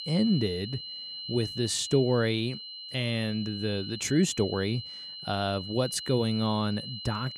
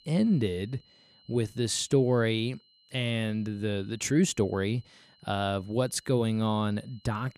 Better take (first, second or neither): second